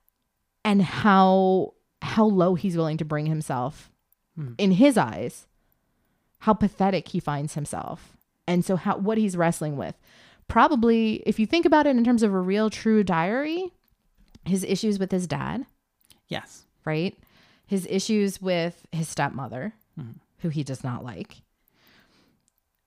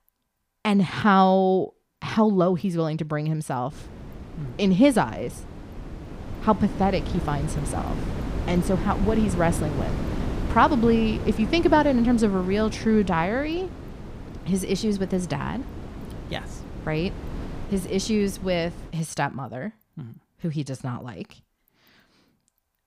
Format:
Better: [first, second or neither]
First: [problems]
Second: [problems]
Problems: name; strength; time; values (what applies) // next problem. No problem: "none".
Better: first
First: none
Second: wind noise on the microphone; occasional gusts; from 3.5 to 19 s; 15 dB below the speech